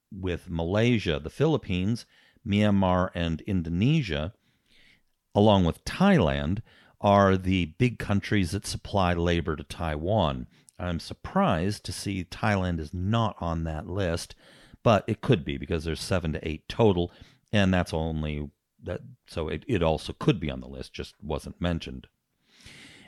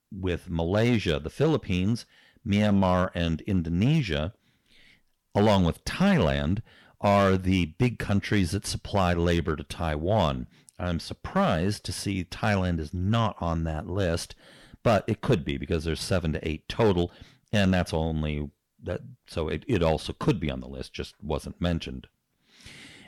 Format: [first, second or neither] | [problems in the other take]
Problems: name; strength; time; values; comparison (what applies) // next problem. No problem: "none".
first | distortion; slight; 3% of the sound clipped